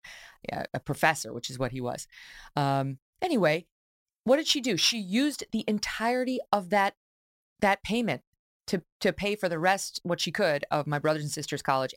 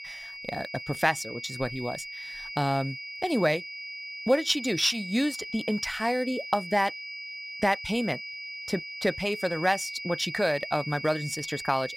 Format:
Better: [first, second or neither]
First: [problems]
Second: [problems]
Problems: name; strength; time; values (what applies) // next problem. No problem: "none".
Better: first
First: none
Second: high-pitched whine; loud; throughout; 2.5 kHz, 8 dB below the speech